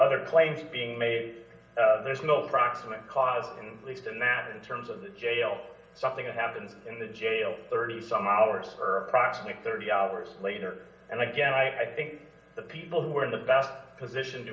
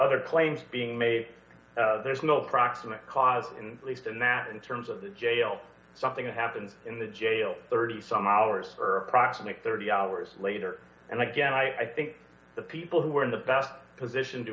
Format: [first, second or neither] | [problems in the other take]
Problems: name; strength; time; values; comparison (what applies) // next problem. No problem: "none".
second | room echo; dies away in 0.9 s